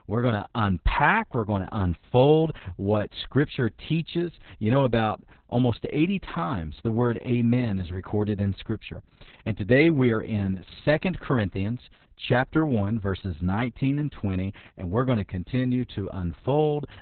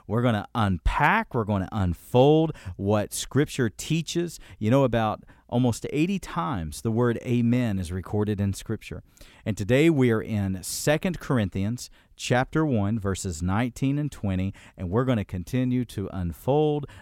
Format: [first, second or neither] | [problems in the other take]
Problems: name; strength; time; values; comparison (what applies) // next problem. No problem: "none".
second | garbled, watery; badly; nothing above 4 kHz